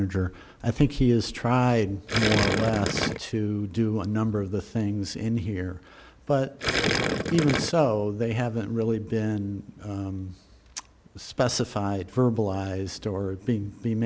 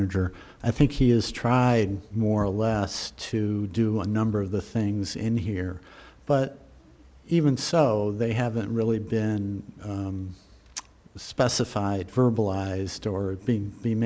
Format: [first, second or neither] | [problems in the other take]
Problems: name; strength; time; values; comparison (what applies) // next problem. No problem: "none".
second | background sound (Gurgling); as loud as the speech